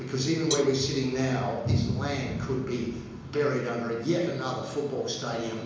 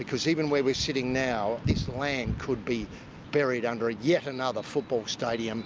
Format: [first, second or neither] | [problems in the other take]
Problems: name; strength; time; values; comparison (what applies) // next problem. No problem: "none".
second | background sound (Cowbell); 12 dB below the speech // room echo; dies away in 1 s